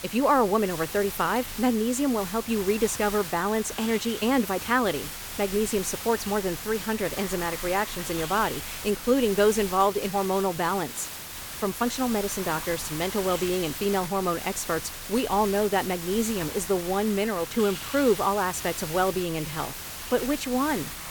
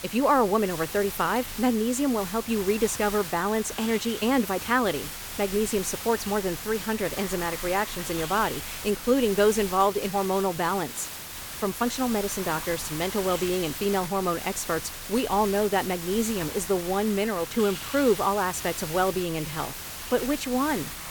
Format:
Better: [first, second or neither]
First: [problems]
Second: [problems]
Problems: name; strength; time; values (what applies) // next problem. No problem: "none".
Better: neither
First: hiss; loud; throughout; 8 dB below the speech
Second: hiss; loud; throughout; 8 dB below the speech